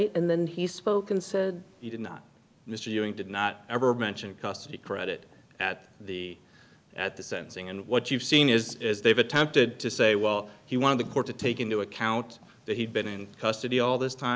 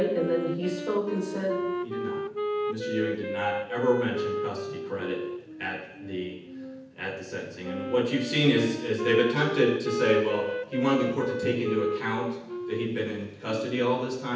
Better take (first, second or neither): first